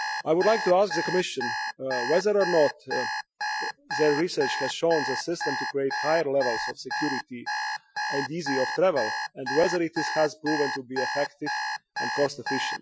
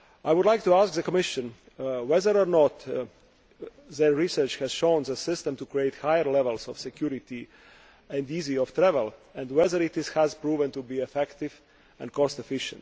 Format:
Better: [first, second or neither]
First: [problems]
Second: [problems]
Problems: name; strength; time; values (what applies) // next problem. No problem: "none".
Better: second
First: noise reduction (classical method Wiener filter)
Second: none